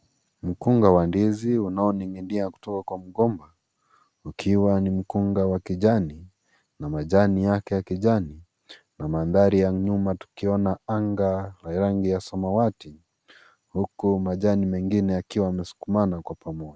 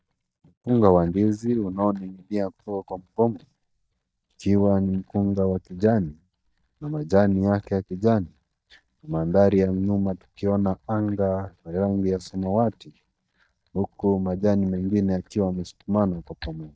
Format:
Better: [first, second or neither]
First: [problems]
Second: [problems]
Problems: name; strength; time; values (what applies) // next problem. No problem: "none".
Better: first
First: none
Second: noise reduction (neural mask model DeepFilterNet 3)